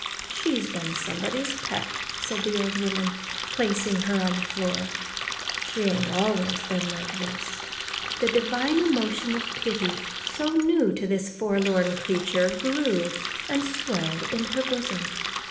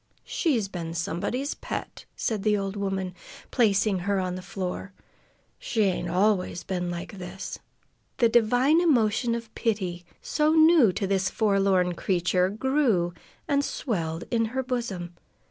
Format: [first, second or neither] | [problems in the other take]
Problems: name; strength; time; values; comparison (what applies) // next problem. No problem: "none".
second | background sound (Water tap, faucet); 5 dB below the speech // room echo; dies away in 1.1 s